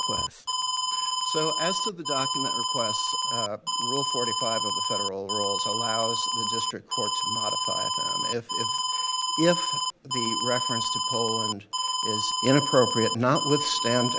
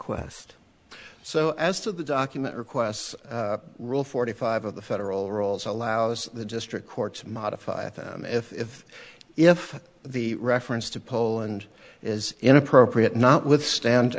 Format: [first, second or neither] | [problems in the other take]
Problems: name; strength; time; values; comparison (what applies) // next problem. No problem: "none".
second | background sound (Alarm); 2 dB above the speech